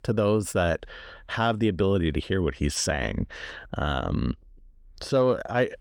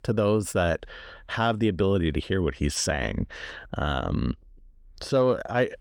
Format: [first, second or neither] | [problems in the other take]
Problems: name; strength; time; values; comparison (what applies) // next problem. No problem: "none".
neither | none